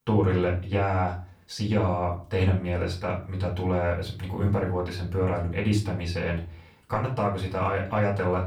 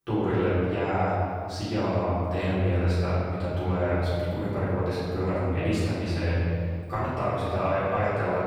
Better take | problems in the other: first | room echo; strong; dies away in 2 s; slight in the first // off-mic speech; far; far in the first

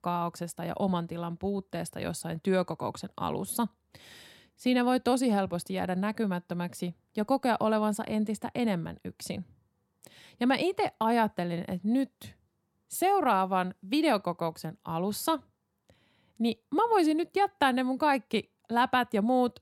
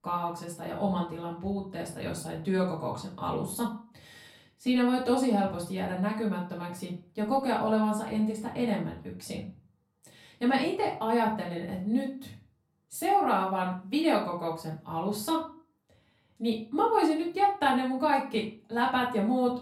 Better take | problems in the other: first | off-mic speech; far // room echo; slight; dies away in 0.3 s

